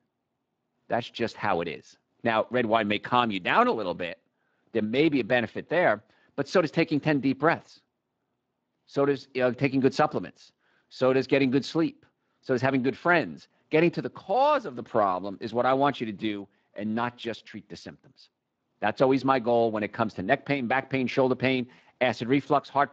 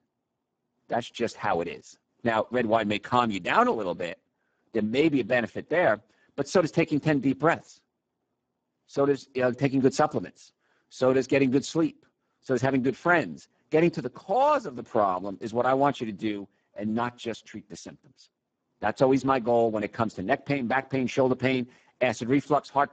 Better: first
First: garbled, watery; slightly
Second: garbled, watery; badly; nothing above 7.5 kHz

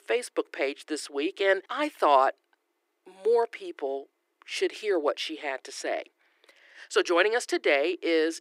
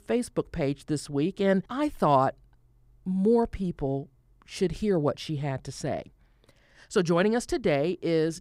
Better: second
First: thin; very; fading below 300 Hz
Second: none

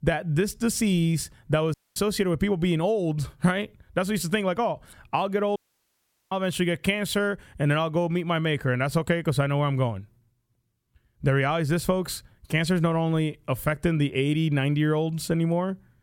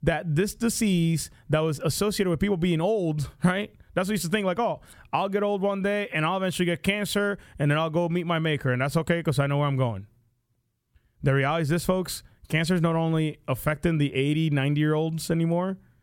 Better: second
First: audio cutting out; at 1.5 s and at 5.5 s for 1 s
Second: none

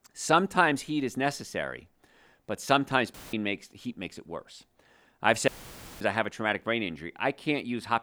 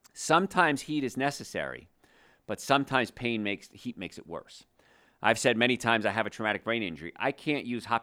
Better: second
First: audio cutting out; filled with static; at 3 s and at 5.5 s for 0.5 s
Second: none

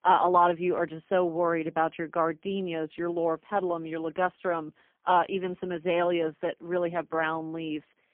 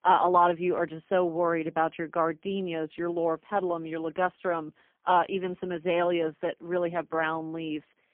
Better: neither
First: phone-call audio; poor line; nothing above 3.5 kHz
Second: phone-call audio; poor line; nothing above 3.5 kHz

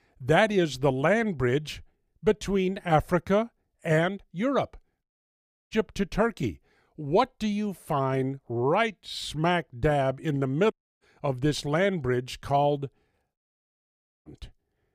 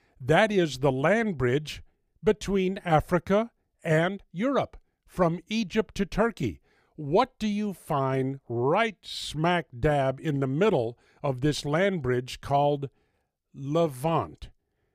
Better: second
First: audio cutting out; at 5 s for 0.5 s, at 11 s and at 13 s for 1 s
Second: none

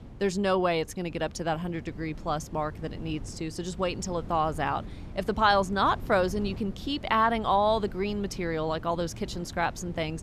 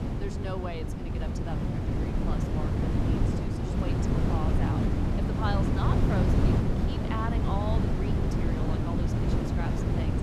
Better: first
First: wind noise on the microphone; occasional gusts; 25 dB below the speech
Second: wind noise on the microphone; heavy; 3 dB above the speech

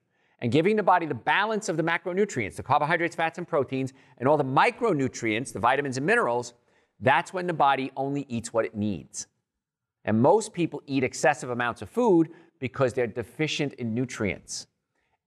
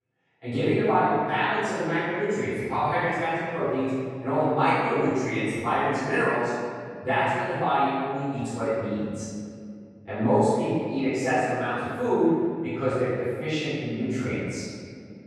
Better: first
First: none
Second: off-mic speech; far // room echo; strong; dies away in 2 s

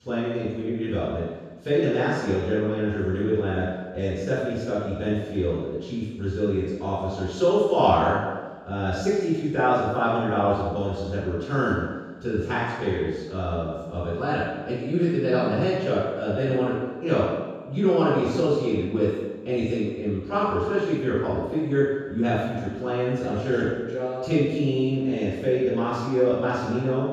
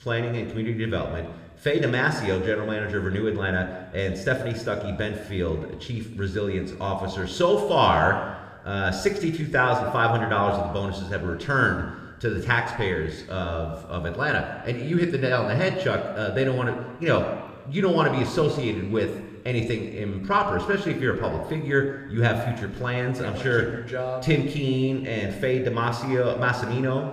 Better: second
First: room echo; strong; dies away in 1.2 s // off-mic speech; far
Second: room echo; slight; dies away in 1.1 s

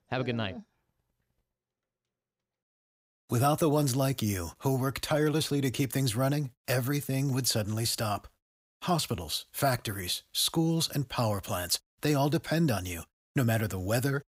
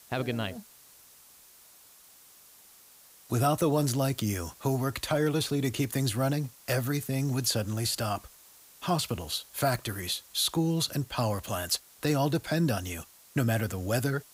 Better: first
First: none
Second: hiss; faint; throughout; 25 dB below the speech

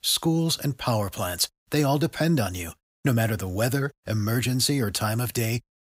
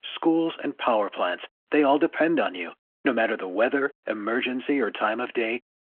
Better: first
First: none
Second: phone-call audio

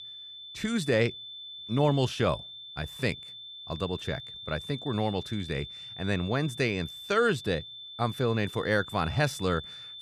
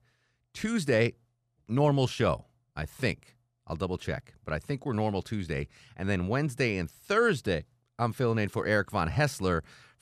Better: second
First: high-pitched whine; noticeable; throughout; 3.5 kHz, 10 dB below the speech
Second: none

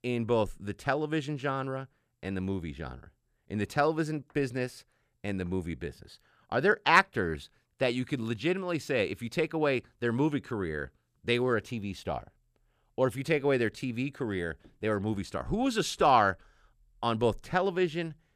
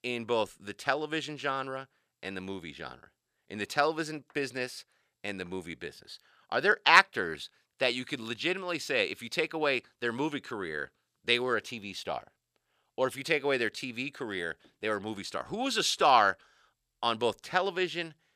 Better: first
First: none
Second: thin; somewhat; fading below 600 Hz

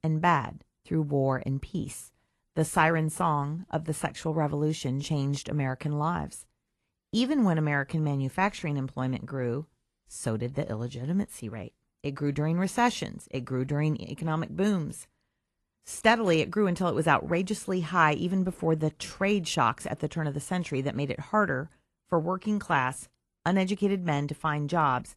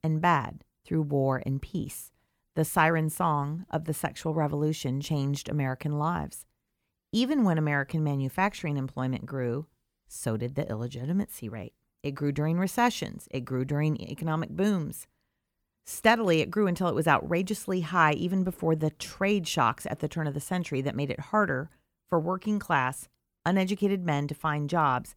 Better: second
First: garbled, watery; slightly; nothing above 11.5 kHz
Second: none

